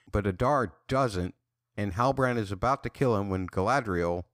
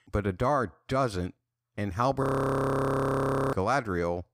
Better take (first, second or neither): first